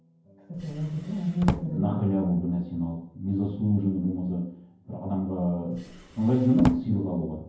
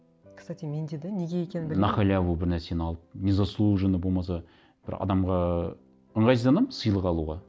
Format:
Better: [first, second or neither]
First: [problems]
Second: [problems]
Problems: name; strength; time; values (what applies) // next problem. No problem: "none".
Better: second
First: background sound (Drawer open or close); 7 dB below the speech // room echo; dies away in 0.9 s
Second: none